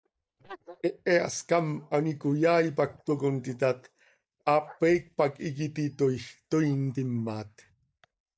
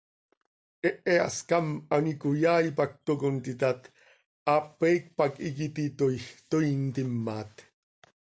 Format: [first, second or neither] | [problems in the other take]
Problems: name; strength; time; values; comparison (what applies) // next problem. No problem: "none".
second | noise reduction (neural mask model DeepFilterNet 3)